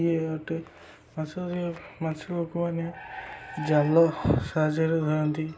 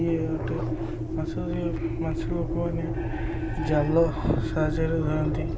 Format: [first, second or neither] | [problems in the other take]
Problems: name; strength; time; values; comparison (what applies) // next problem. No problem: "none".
first | background sound (Engine); as loud as the speech